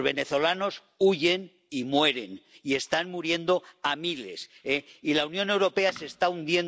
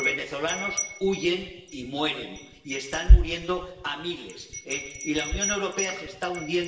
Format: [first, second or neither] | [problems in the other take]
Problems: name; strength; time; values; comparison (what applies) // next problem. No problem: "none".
first | background sound (Wind chime); 4 dB above the speech // room echo; dies away in 1.1 s